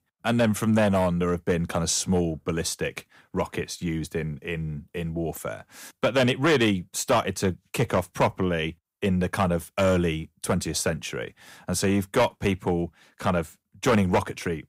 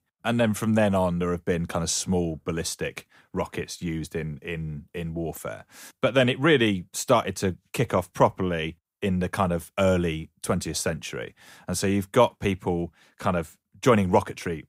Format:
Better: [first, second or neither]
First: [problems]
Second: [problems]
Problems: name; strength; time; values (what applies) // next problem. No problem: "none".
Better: second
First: distortion; slight; 3% of the sound clipped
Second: none